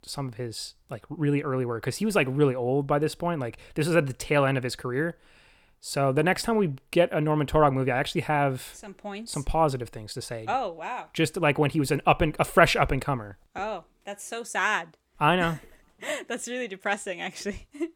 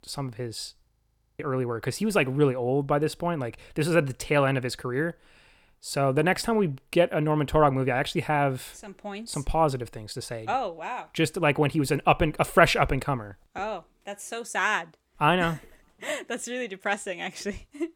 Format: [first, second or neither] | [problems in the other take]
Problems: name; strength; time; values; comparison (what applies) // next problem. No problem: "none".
first | audio freezing; at 1 s